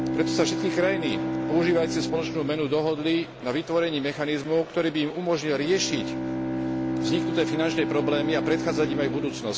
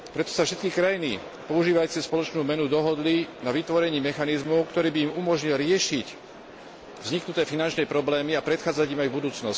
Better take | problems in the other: second | background sound (Bowed string instrument); 4 dB below the speech

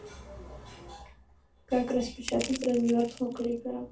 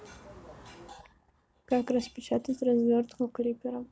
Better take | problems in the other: second | background sound (Crushing); 12 dB below the speech // room echo; dies away in 0.2 s

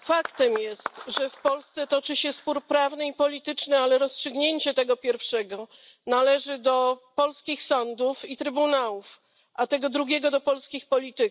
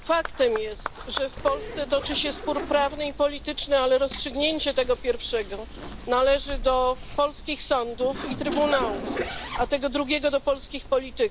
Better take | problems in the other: first | background sound (Zipper (clothing)); 10 dB below the speech

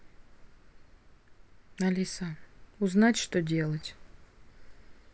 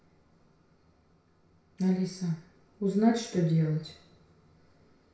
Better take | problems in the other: first | room echo; dies away in 0.6 s

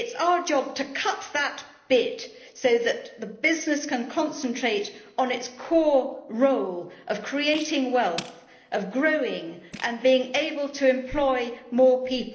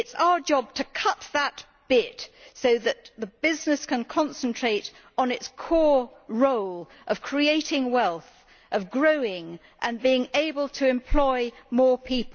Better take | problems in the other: second | noise reduction (neural separator model SepFormer DNS4)

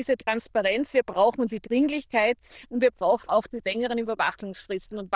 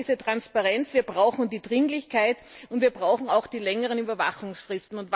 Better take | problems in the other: second | noise reduction (neural diffusion model UNIVERSE++)

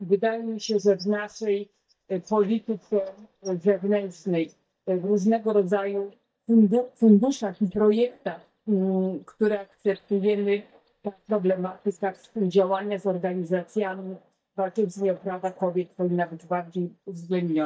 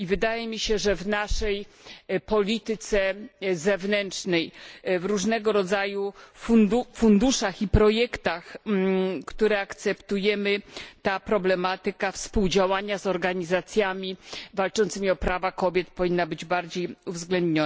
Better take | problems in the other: second | noise reduction (neural mask model DeepFilterNet 3)

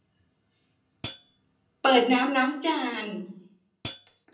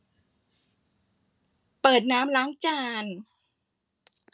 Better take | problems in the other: second | background sound (Hi-hat); 13 dB below the speech // room echo; dies away in 0.6 s

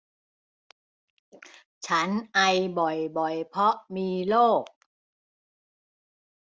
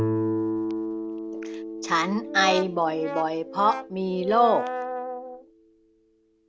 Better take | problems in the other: first | background sound (Guitar + Brass instrument); 4 dB below the speech

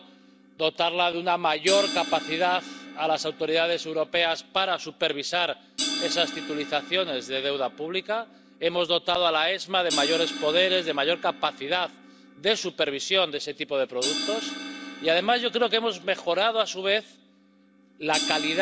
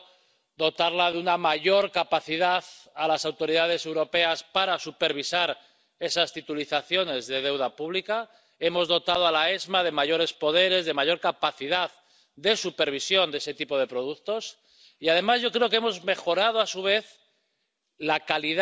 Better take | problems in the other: second | background sound (Crash cymbal); 10 dB below the speech

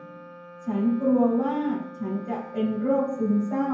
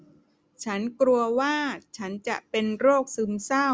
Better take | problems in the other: second | background sound (Wind instrument, woodwind instrument); 18 dB below the speech // room echo; dies away in 0.9 s

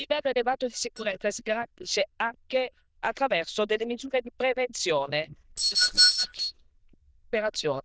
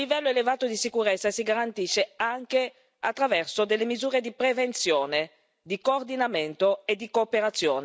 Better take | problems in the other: second | noise reduction (neural diffusion model UNIVERSE++)

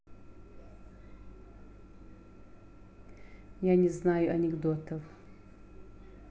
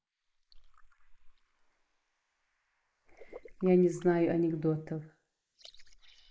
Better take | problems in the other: first | noise reduction (neural mask model Resemble Enhance denoiser)

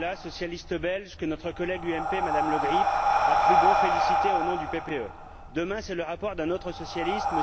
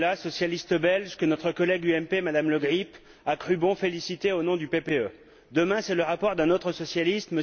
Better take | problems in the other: second | background sound (Breathing); 5 dB above the speech

